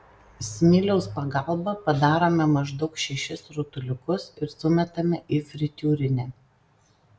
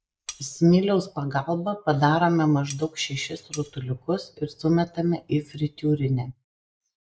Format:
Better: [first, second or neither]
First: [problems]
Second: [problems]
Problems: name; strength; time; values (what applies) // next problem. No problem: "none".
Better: first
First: none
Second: noise reduction (neural mask model Resemble Enhance denoiser)